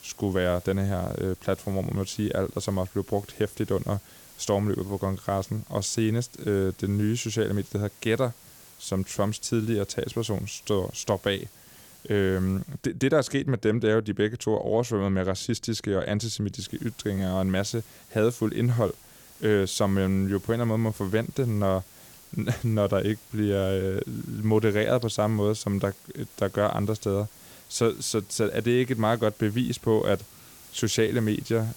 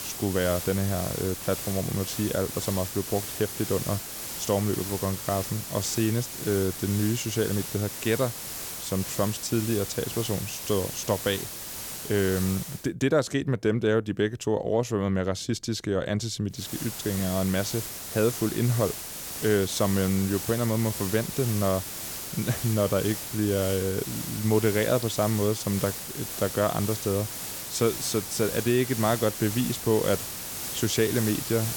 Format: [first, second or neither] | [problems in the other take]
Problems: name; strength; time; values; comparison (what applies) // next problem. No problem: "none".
first | hiss; loud; until 13 s and from 17 s on; 6 dB below the speech; faint in the first